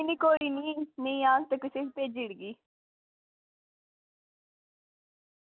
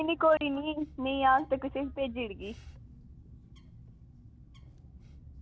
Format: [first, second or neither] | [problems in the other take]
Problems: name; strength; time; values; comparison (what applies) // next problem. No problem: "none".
first | background sound (Bird); 18 dB below the speech